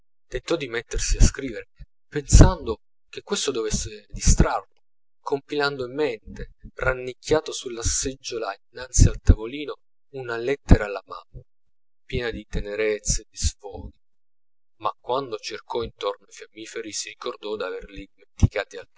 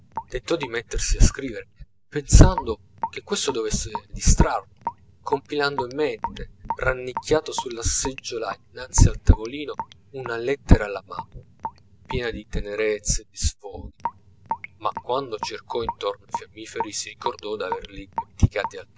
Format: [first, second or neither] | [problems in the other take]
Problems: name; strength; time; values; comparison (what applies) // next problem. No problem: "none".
first | background sound (Raindrop / Drip); 13 dB below the speech